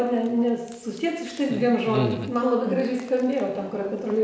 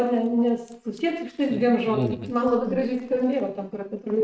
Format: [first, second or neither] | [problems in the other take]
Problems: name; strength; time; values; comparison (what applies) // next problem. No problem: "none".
first | noise reduction (neural mask model RNNoise)